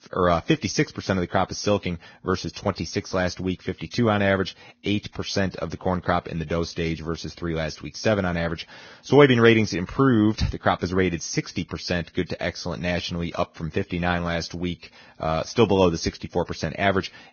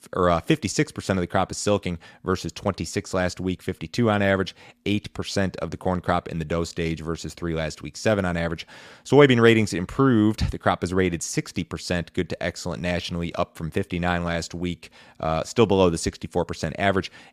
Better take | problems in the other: second | garbled, watery; badly; nothing above 6.5 kHz

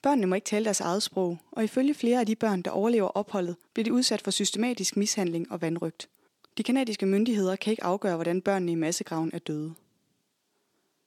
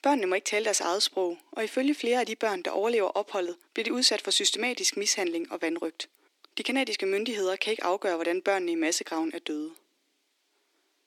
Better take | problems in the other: first | thin; somewhat; fading below 300 Hz

